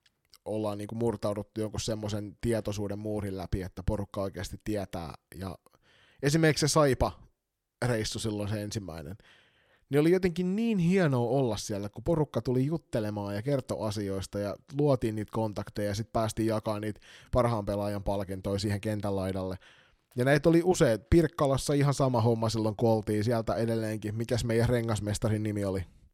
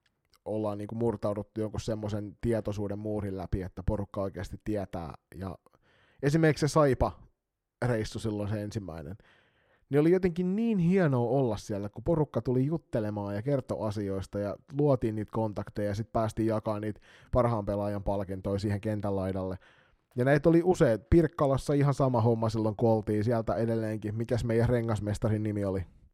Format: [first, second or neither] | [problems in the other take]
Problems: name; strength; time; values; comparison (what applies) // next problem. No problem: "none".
first | muffled; slightly; fading above 2.5 kHz